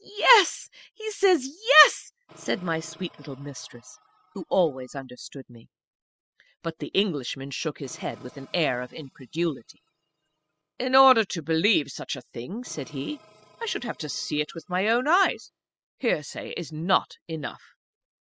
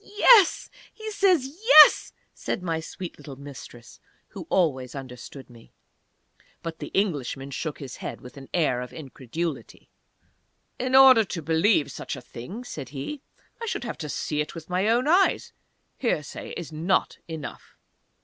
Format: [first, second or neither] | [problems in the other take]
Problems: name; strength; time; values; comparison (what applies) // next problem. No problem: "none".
second | noise reduction (classical method spectral subtraction)